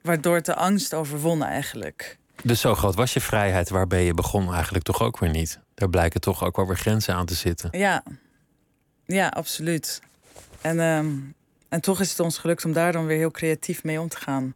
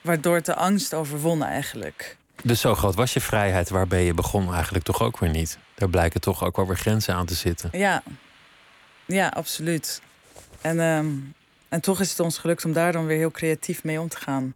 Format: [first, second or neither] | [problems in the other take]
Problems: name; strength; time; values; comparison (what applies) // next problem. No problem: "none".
first | hiss; faint; throughout; 30 dB below the speech